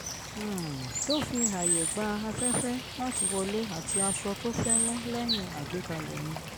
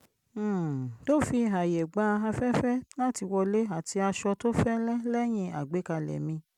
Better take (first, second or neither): second